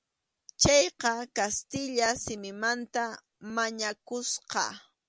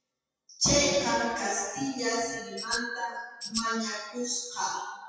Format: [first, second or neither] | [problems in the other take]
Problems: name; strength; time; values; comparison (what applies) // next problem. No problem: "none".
first | noise reduction (classical method WPE with log-MMSE)